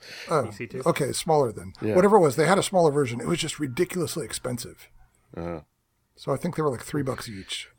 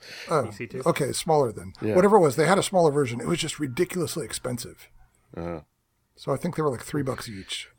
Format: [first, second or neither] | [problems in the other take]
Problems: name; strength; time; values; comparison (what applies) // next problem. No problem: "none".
neither | none